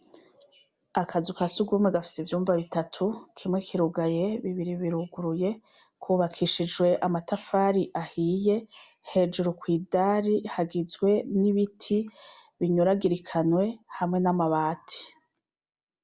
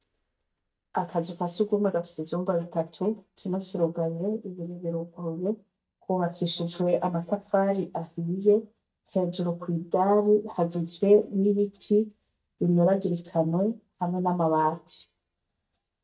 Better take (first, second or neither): first